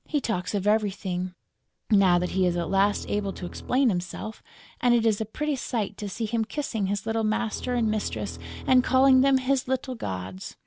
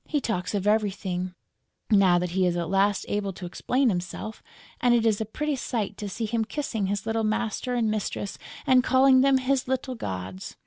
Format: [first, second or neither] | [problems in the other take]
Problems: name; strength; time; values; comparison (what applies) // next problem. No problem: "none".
second | background sound (Bowed string instrument); 15 dB below the speech